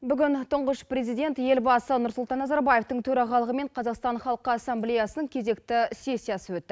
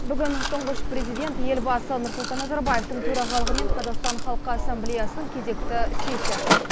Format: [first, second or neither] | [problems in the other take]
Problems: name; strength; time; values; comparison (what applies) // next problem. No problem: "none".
first | background sound (Sliding door + Mechanisms); 4 dB above the speech